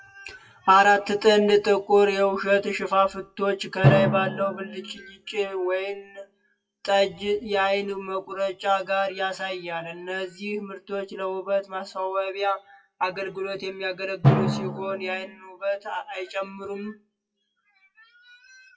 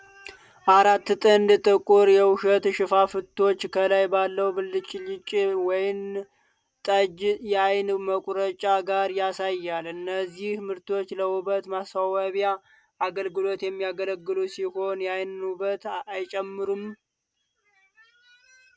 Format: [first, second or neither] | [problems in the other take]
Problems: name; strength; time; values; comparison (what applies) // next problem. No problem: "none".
second | noise reduction (classical method WPE with log-MMSE)